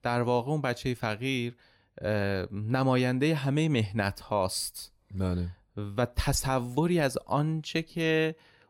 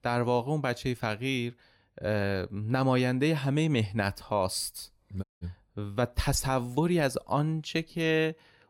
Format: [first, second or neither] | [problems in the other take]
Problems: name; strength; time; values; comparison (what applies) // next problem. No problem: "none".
first | audio cutting out; at 5 s